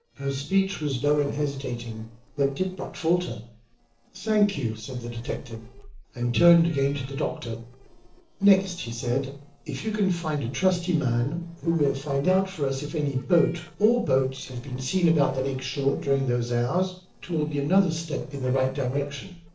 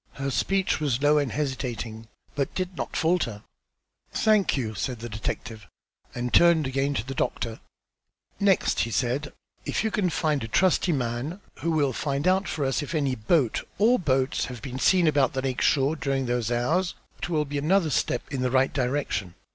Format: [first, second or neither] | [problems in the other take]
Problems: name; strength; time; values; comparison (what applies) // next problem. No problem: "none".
second | noise reduction (neural separator model SepFormer DNS4)